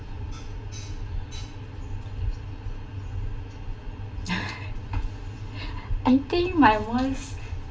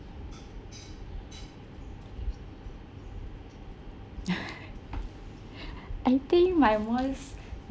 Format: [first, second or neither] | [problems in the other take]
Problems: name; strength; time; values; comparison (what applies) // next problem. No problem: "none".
second | room echo; dies away in 0.2 s